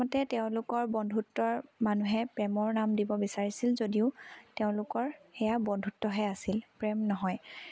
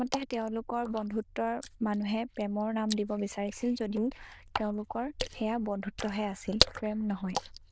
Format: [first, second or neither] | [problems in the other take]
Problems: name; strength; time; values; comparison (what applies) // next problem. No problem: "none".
first | noise reduction (neural diffusion model UNIVERSE++)